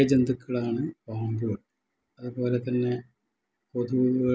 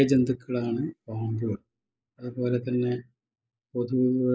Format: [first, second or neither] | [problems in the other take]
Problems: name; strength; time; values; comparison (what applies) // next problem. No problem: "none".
first | noise reduction (neural mask model Resemble Enhance denoiser)